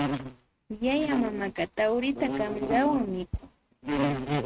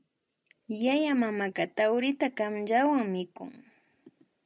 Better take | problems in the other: second | noise reduction (neural mask model RNNoise)

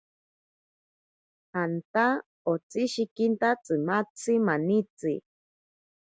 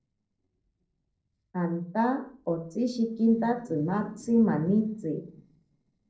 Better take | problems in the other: first | noise reduction (neural separator model SepFormer DNS4)

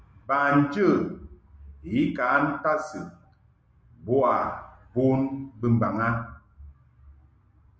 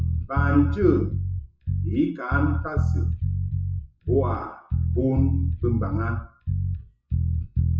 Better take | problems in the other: first | noise reduction (classical method WPE with log-MMSE)

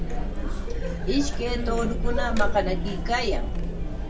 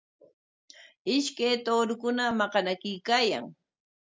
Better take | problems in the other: second | background sound (Chatter); 4 dB above the speech // room echo; dies away in 0.2 s

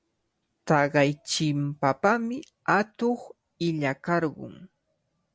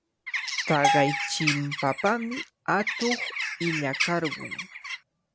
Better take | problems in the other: first | background sound (Bird + Bell); 1 dB below the speech

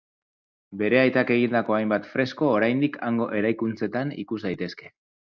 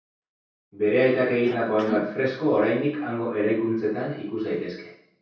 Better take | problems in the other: first | background sound (Cough); 11 dB below the speech // room echo; dies away in 0.6 s

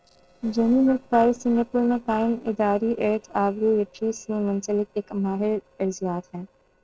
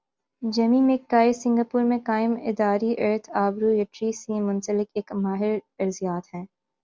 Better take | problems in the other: second | noise reduction (neural separator model SepFormer DNS4)

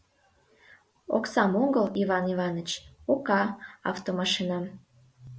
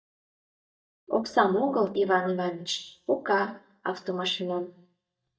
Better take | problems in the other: first | noise reduction (neural mask model DeepFilterNet 3)

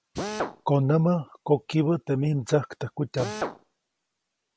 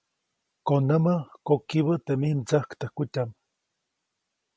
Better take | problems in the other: second | background sound (Drill); 12 dB below the speech

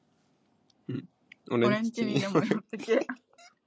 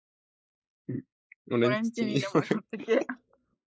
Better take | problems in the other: first | noise reduction (neural mask model Resemble Enhance denoiser)

